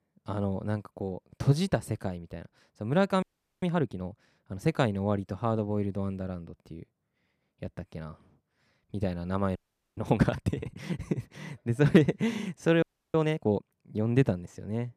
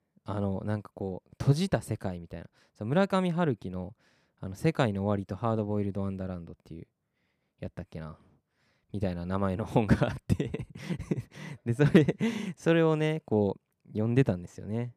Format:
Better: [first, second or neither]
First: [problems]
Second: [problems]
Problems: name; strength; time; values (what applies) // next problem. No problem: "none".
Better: second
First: audio freezing; at 3 s, at 9.5 s and at 13 s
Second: none